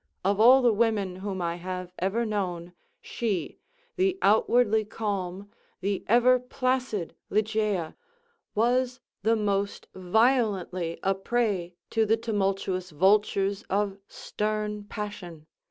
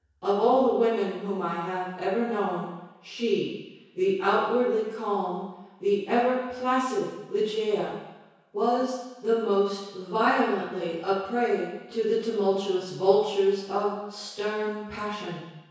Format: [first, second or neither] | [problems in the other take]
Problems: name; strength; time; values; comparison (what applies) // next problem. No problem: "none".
first | room echo; dies away in 1.1 s